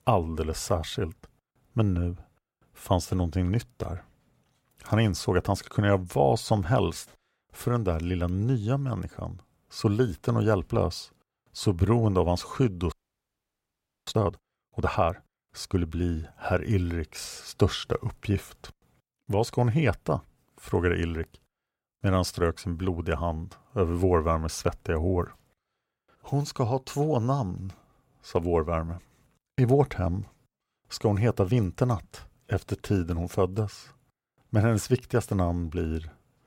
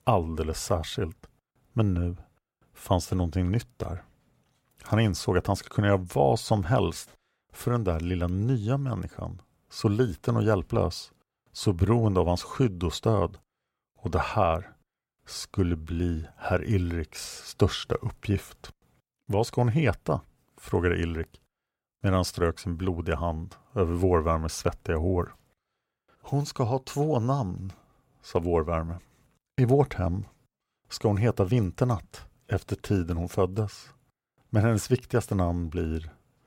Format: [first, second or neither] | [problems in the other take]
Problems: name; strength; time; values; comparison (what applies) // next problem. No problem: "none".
second | audio freezing; at 13 s for 1 s